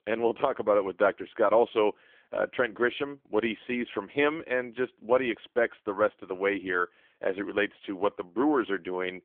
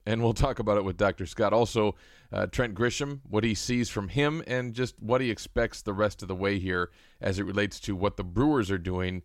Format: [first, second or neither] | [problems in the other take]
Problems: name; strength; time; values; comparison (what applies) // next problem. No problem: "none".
second | phone-call audio; poor line; nothing above 3.5 kHz